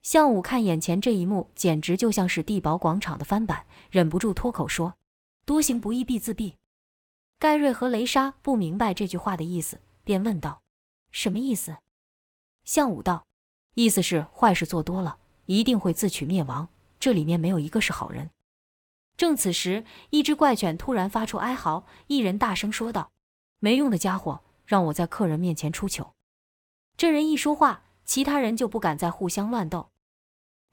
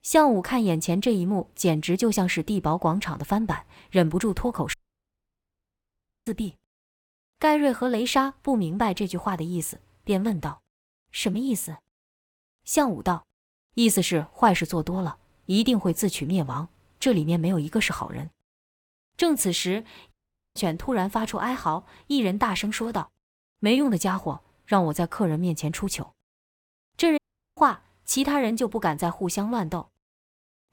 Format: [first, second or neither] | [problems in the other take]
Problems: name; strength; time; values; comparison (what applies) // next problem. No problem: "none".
first | audio cutting out; at 4.5 s for 1.5 s, at 20 s and at 27 s